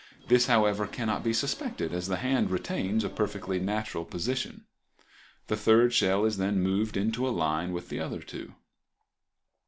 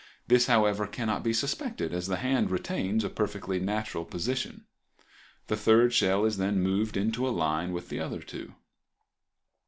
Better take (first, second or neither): second